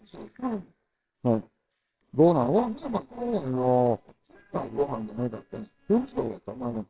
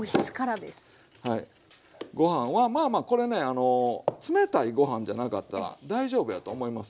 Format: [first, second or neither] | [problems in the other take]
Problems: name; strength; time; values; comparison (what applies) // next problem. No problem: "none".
second | noise reduction (neural separator model SepFormer WHAMR!)